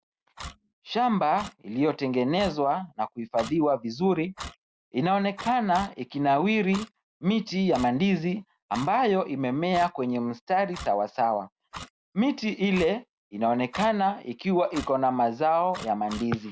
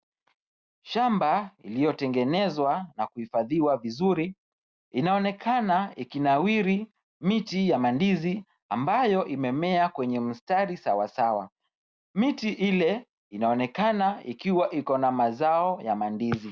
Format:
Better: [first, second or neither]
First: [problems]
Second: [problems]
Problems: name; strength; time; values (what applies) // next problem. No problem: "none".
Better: second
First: background sound (Clock); 19 dB below the speech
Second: none